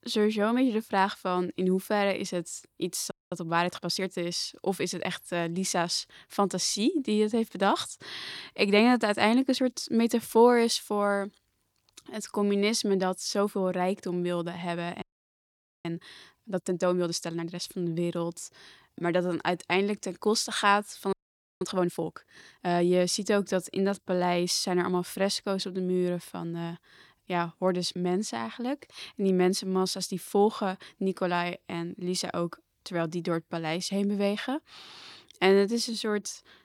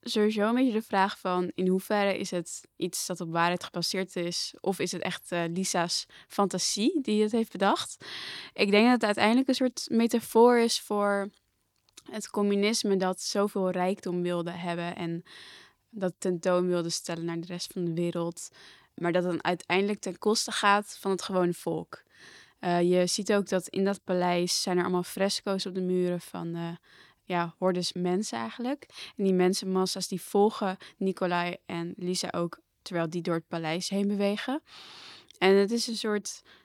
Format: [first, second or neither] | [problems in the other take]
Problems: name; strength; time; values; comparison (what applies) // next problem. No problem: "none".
second | audio freezing; at 3 s, at 15 s for 1 s and at 21 s